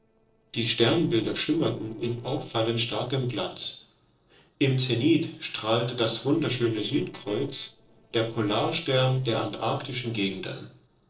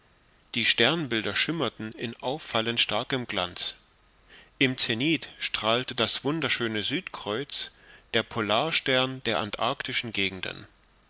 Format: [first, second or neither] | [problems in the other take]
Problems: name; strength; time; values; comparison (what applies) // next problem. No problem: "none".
second | noise reduction (neural separator model SepFormer DNS4)